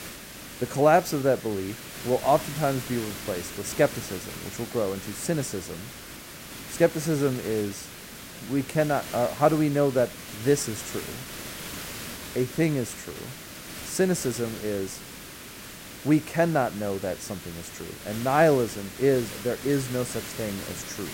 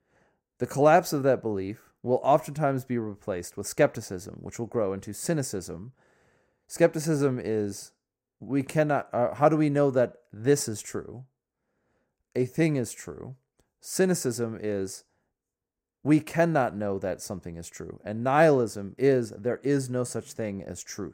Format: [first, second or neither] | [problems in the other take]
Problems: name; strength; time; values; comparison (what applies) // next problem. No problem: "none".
second | hiss; noticeable; throughout; 10 dB below the speech